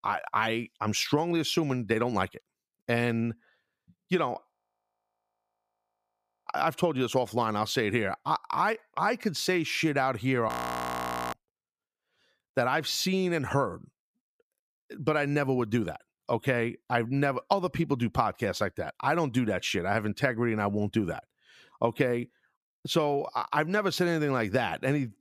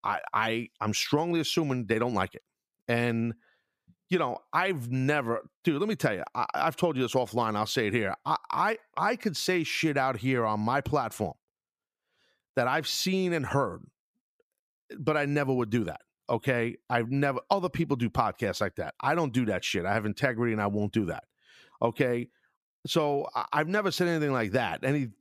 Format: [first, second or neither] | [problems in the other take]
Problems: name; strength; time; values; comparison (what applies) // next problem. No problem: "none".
second | audio freezing; at 4.5 s for 2 s and at 10 s for 1 s